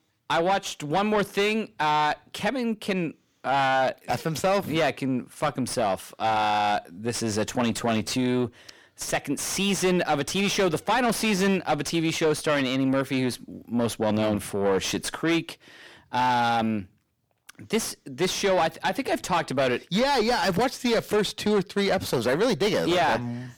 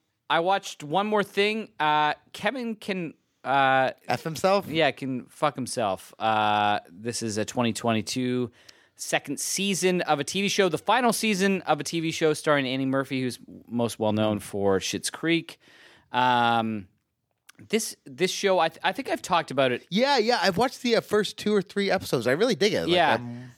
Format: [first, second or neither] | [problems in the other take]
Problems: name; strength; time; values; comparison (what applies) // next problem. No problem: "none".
second | distortion; heavy; 8 dB below the speech